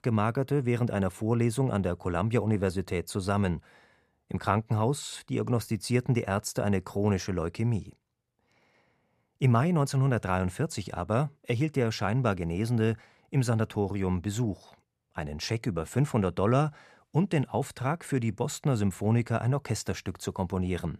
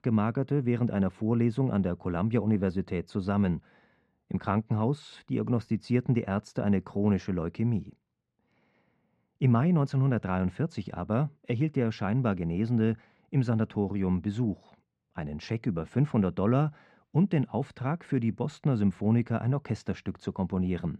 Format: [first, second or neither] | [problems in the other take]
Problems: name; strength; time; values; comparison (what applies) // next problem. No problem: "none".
first | muffled; slightly; fading above 3.5 kHz